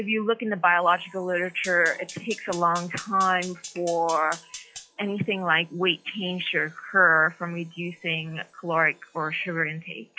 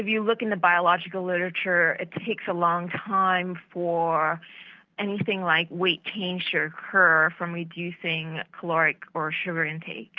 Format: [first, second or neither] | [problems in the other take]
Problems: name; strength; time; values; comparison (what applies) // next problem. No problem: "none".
second | noise reduction (classical method log-MMSE)